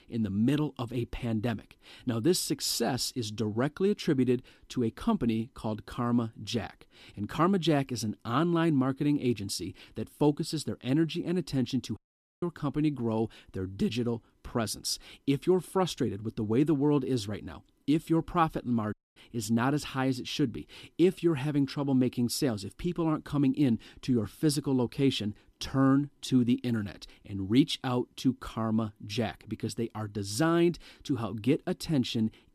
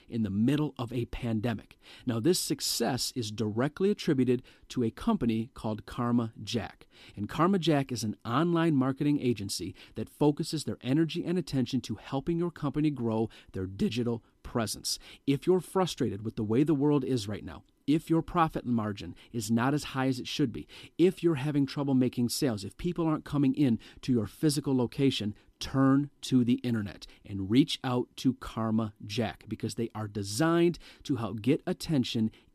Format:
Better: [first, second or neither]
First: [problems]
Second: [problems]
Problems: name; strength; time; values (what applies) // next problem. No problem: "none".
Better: second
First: audio cutting out; at 12 s and at 19 s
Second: none